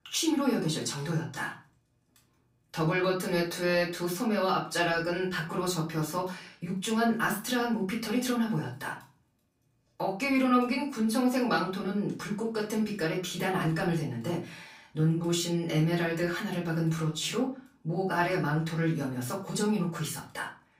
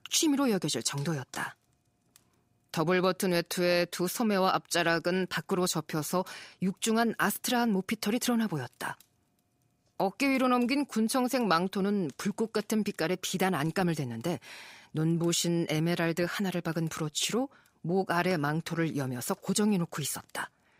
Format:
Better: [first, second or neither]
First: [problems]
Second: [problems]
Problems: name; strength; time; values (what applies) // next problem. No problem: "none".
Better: second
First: off-mic speech; far // room echo; slight; dies away in 0.3 s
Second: none